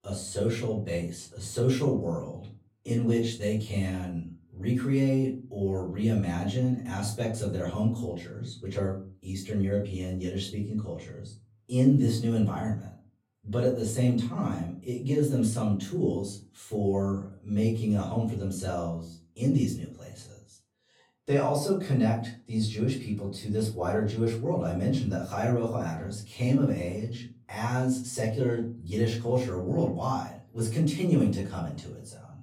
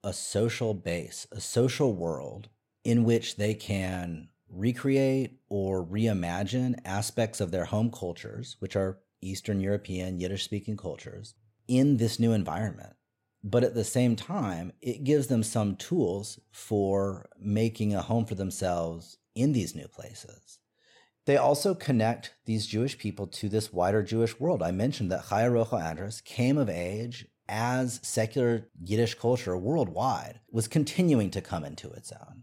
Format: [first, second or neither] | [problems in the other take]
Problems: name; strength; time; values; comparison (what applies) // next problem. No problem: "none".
second | off-mic speech; far // room echo; slight; dies away in 0.4 s